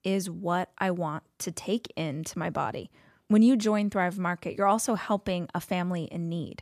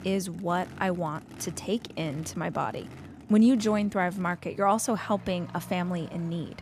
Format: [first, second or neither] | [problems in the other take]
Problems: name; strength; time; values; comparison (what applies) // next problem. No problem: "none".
first | traffic noise; noticeable; throughout; 20 dB below the speech